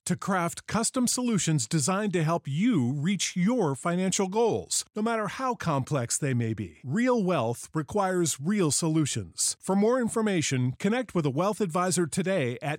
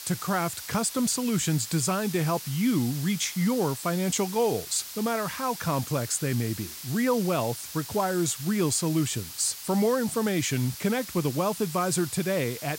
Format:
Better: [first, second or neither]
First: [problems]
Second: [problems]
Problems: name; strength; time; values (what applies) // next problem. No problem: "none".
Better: first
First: none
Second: hiss; noticeable; throughout; 10 dB below the speech